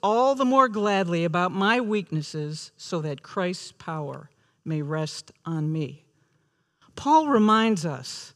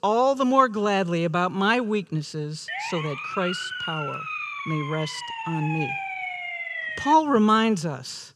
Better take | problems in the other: first | siren; noticeable; from 2.5 to 7 s; peak 5 dB below the speech

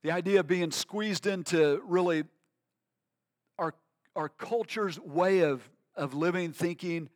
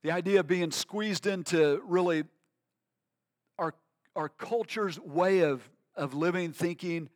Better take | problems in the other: neither | none

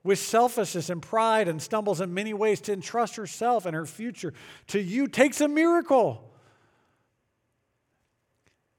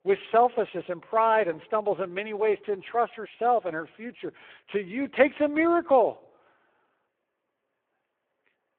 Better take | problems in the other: first | phone-call audio; poor line

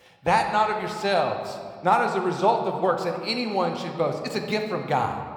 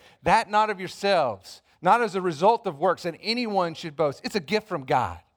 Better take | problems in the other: second | room echo; slight; dies away in 1.5 s

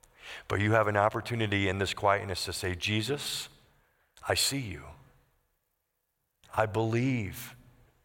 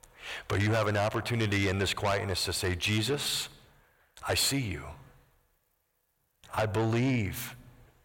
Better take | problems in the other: first | distortion; heavy; 6 dB below the speech

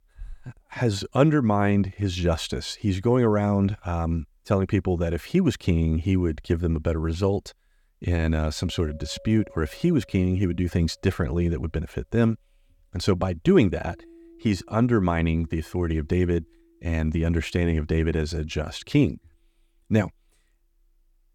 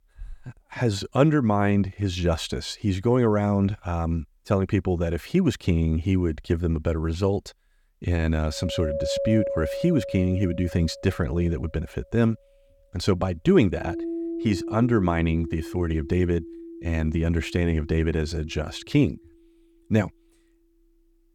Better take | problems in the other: first | background music; loud; from 9 s on; 9 dB below the speech; faint in the first

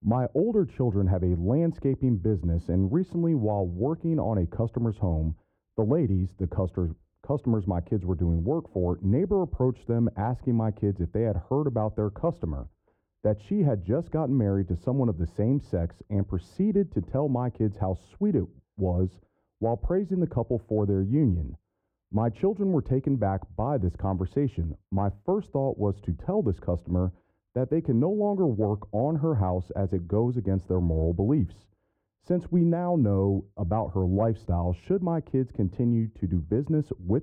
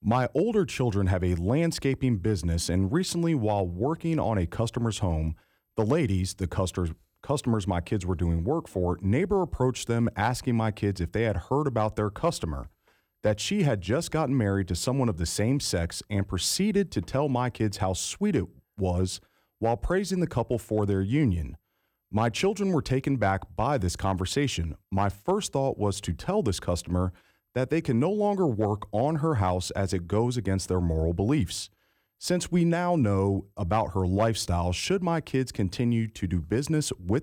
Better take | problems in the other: second | muffled; very; fading above 2 kHz

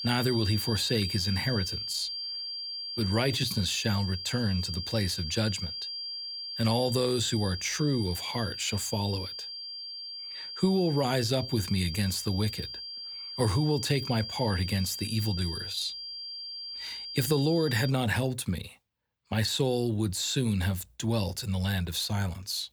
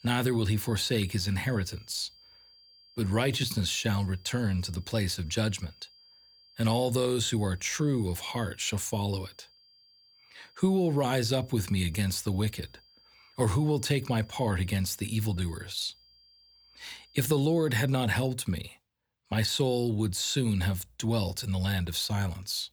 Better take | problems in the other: second | high-pitched whine; loud; until 18 s; 4.5 kHz, 6 dB below the speech; faint in the second

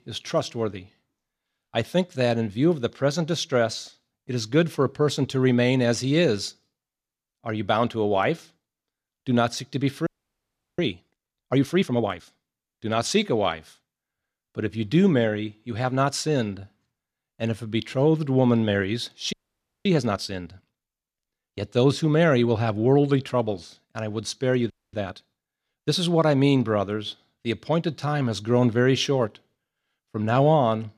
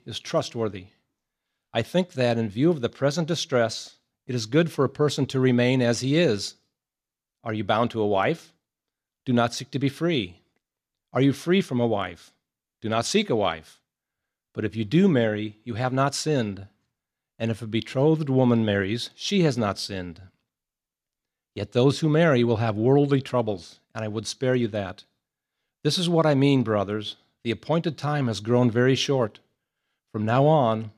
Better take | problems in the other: second | audio freezing; at 10 s for 0.5 s, at 19 s for 0.5 s and at 25 s

